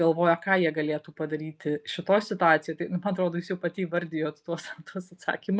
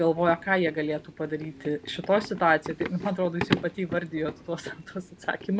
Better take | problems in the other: first | background sound (Run); 9 dB below the speech

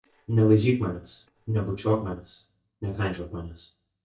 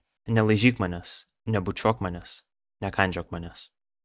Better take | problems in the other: second | noise reduction (neural mask model DeepFilterNet 3)

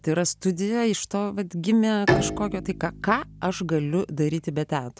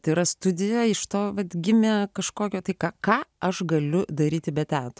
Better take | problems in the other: second | background sound (Bowed string instrument); 7 dB below the speech

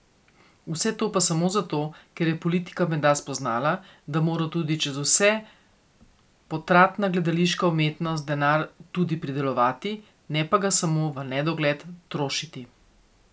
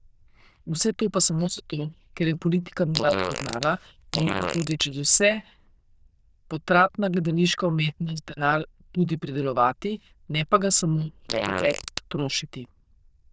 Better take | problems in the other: first | noise reduction (neural diffusion model UNIVERSE++)

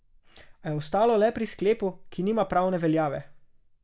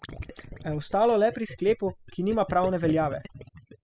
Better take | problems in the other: first | noise reduction (classical method spectral subtraction)

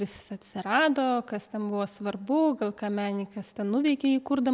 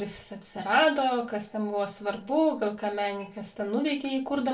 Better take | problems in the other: first | room echo; dies away in 0.3 s

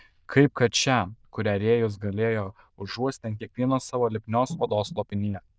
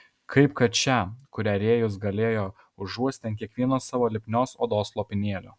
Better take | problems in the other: second | noise reduction (neural diffusion model UNIVERSE++)

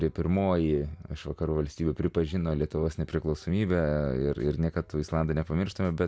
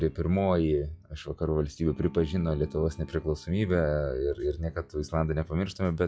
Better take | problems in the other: first | noise reduction (classical method log-MMSE)

